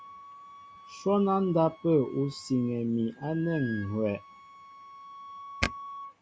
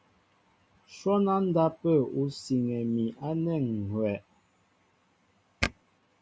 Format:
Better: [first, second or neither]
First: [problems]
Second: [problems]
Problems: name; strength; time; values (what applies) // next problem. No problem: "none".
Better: second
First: background sound (Wind instrument, woodwind instrument); 17 dB below the speech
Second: none